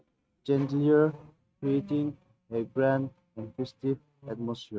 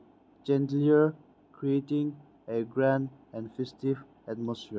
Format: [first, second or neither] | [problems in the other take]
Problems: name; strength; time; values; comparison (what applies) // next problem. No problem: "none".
second | noise reduction (neural mask model RNNoise)